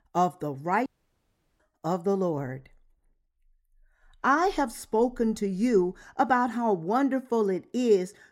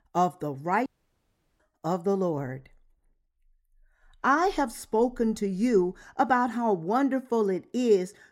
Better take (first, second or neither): neither